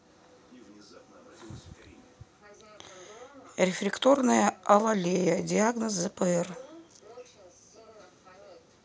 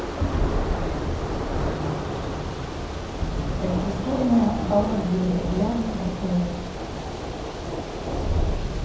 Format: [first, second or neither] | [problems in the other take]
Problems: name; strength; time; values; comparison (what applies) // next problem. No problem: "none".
first | background sound (Thunder / Rain); 1 dB above the speech // room echo; dies away in 0.9 s